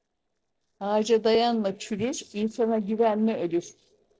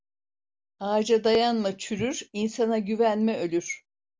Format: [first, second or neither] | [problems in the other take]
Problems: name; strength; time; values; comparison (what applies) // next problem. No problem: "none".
second | noise reduction (neural separator model SepFormer DNS4)